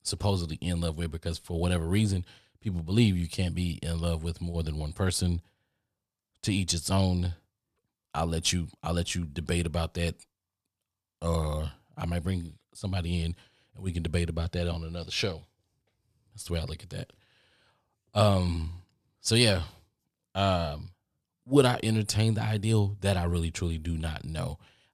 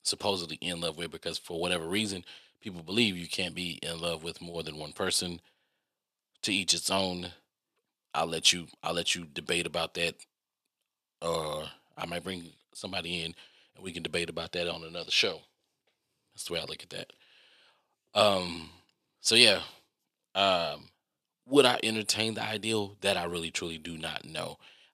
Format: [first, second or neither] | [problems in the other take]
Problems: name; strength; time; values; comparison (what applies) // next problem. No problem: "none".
first | thin; somewhat; fading below 300 Hz